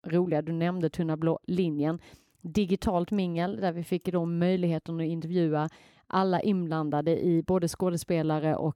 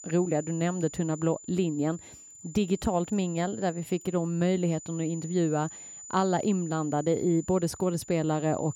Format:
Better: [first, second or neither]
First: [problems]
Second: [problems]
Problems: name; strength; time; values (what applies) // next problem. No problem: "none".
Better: first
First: none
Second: high-pitched whine; noticeable; throughout; 7 kHz, 15 dB below the speech